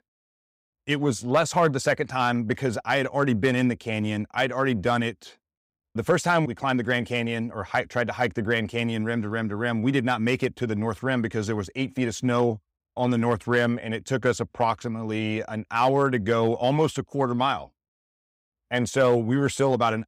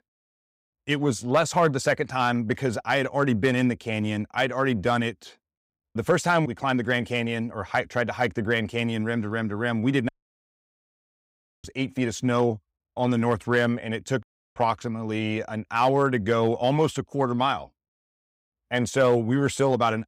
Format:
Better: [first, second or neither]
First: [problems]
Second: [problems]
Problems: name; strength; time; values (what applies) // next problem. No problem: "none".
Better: first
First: none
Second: audio cutting out; at 10 s for 1.5 s and at 14 s